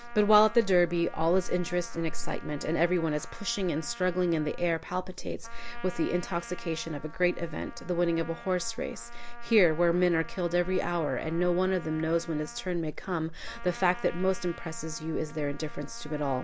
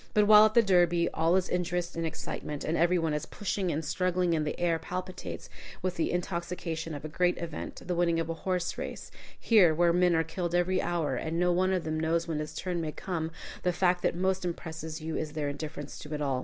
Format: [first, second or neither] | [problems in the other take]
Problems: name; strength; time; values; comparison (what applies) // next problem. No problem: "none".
second | background sound (Trumpet); 19 dB below the speech